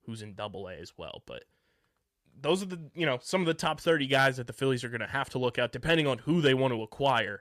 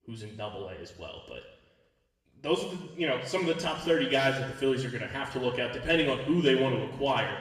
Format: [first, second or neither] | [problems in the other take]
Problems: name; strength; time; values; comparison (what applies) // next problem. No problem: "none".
first | room echo; noticeable; dies away in 1.1 s // off-mic speech; far